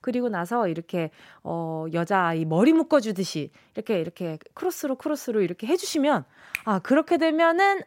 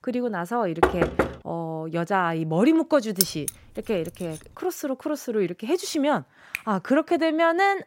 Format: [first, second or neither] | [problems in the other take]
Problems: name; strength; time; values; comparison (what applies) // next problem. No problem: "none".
first | door banging; loud; at 1 s; peak 2 dB above the speech // jangling keys; loud; at 3 s; peak 1 dB above the speech